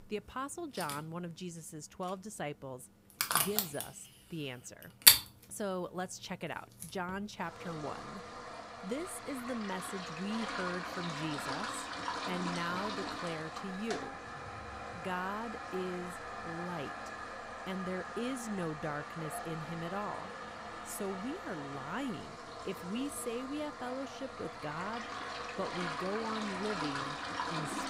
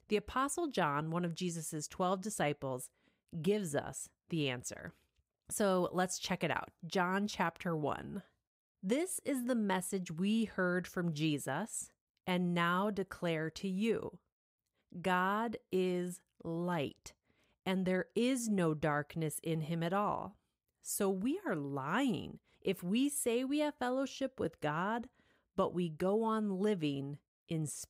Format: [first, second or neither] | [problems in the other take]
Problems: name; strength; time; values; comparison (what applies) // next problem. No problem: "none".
second | household noises; very loud; throughout; 5 dB above the speech